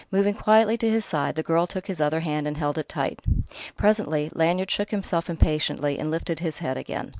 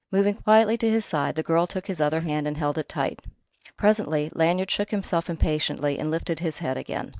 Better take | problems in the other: first | noise reduction (neural mask model DeepFilterNet 3)

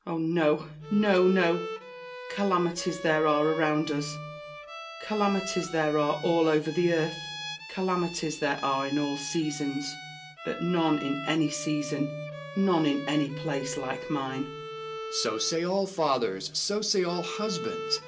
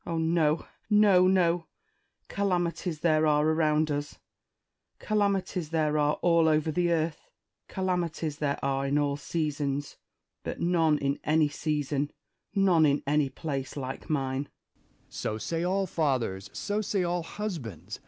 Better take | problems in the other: second | background sound (Bowed string instrument); 11 dB below the speech // room echo; dies away in 0.2 s

